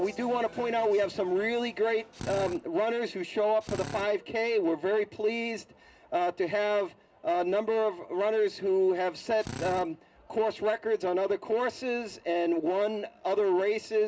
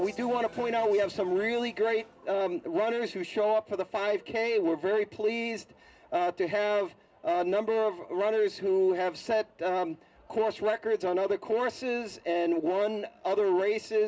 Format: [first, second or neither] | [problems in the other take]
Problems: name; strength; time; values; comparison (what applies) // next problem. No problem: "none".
second | background sound (Drill); 11 dB below the speech